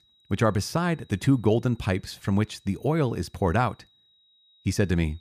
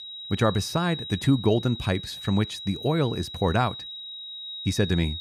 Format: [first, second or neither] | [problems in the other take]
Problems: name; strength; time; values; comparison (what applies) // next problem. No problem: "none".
first | high-pitched whine; loud; throughout; 4 kHz, 10 dB below the speech; faint in the first